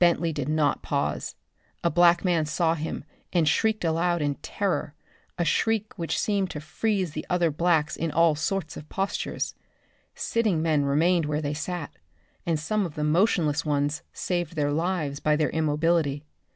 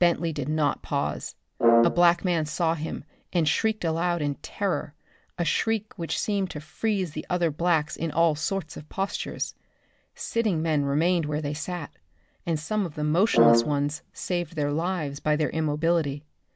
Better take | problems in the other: first | background sound (Brass instrument); 2 dB above the speech

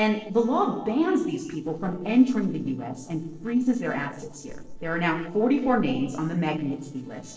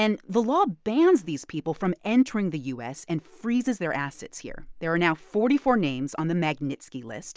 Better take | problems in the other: second | noise reduction (neural separator model SepFormer DNS4)

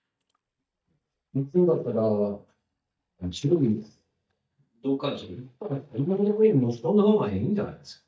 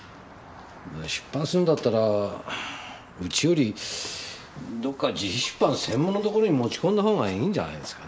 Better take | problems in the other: second | noise reduction (neural mask model DeepFilterNet 3)

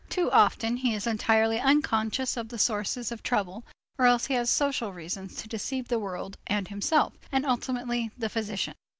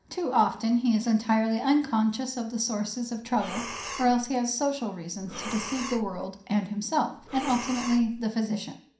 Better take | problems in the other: first | background sound (Breathing); 11 dB below the speech // room echo; dies away in 0.5 s

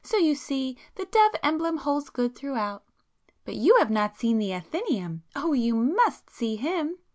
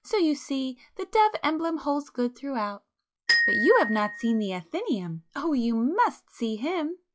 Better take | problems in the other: first | noise reduction (classical method log-MMSE)

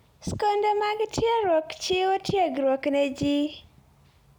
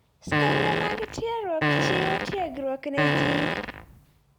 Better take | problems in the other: first | background sound (Fart); 4 dB above the speech

